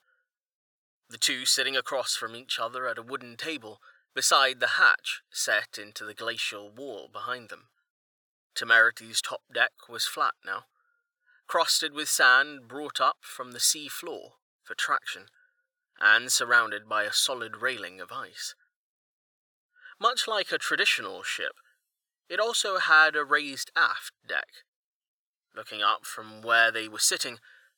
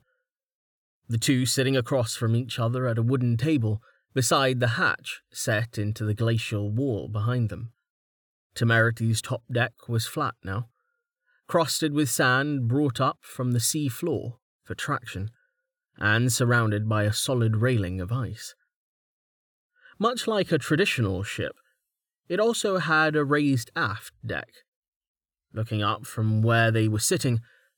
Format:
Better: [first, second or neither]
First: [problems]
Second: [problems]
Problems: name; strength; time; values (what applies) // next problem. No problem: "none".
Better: second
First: thin; very; fading below 750 Hz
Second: none